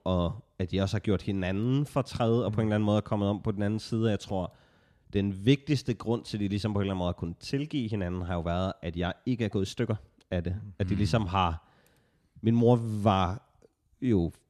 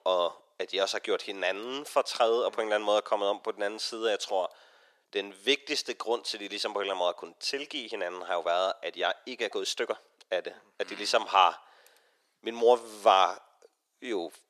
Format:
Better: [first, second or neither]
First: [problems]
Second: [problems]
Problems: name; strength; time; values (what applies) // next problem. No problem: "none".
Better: first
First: none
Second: thin; very; fading below 450 Hz